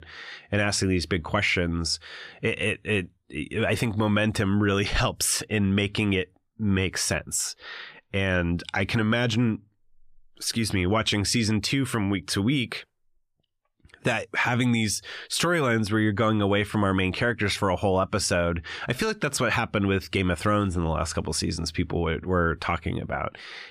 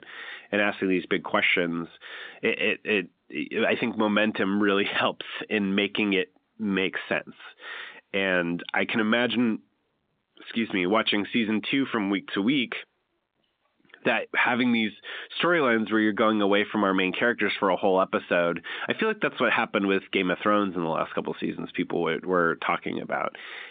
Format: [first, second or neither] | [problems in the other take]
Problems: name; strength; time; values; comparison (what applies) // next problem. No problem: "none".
first | phone-call audio; nothing above 3.5 kHz